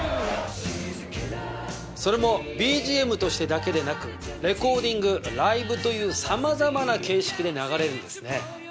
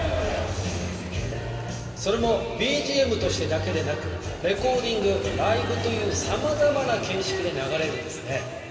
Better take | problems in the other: first | background sound (Aircraft); 13 dB below the speech // room echo; dies away in 2.5 s

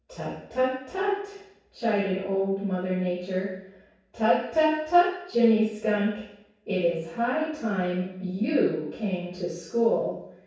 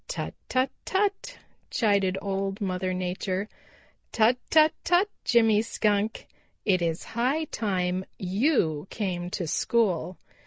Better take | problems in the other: second | room echo; dies away in 0.7 s

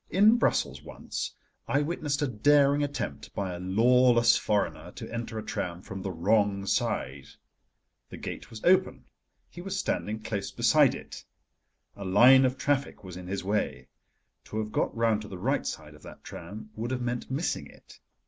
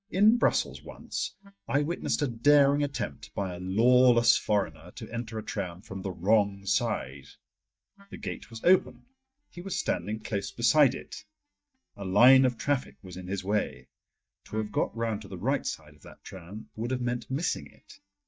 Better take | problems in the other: first | noise reduction (neural mask model DeepFilterNet 3)

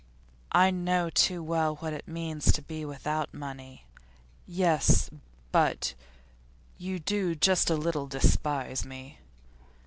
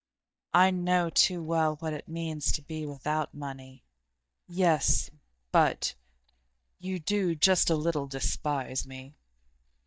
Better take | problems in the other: first | noise reduction (neural mask model DeepFilterNet 3)

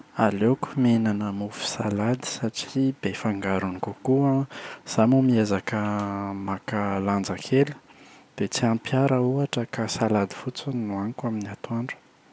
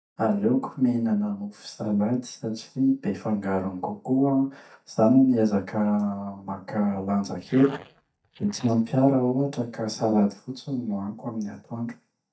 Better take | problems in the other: first | noise reduction (neural mask model DeepFilterNet 3)

